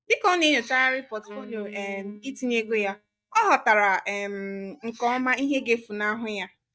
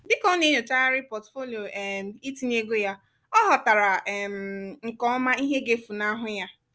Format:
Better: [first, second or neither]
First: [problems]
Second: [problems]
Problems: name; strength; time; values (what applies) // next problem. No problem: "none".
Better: second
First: noise reduction (neural mask model DeepFilterNet 3)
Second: none